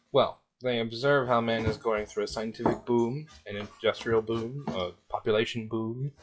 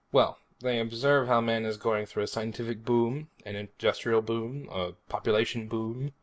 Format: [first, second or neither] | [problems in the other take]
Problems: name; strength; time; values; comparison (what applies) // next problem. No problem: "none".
second | noise reduction (classical method log-MMSE)